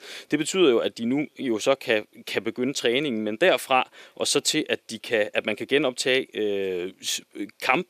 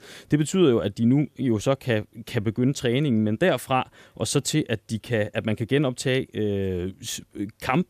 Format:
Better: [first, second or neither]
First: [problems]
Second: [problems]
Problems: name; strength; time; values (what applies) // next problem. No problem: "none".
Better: second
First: thin; somewhat; fading below 400 Hz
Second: none